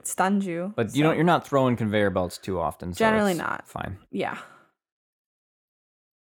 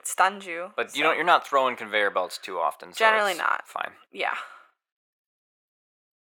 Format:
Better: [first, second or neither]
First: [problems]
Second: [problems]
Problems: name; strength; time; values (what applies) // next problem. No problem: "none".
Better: first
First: none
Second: thin; very; fading below 650 Hz